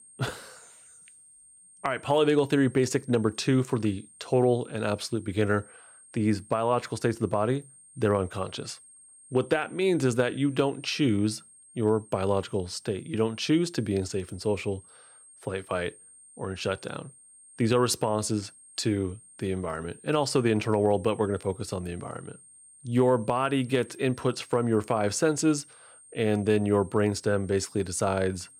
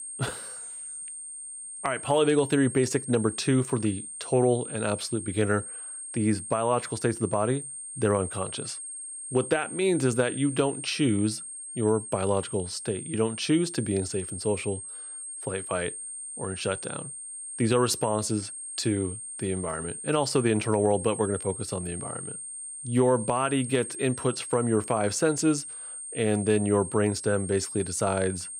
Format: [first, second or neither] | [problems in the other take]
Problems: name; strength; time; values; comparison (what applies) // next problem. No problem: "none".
first | high-pitched whine; loud; throughout; 8.5 kHz, 9 dB below the speech; faint in the first